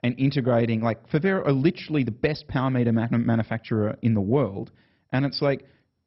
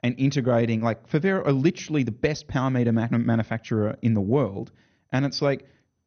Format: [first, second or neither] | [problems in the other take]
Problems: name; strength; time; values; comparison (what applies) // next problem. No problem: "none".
second | garbled, watery; badly; nothing above 5 kHz; slightly in the second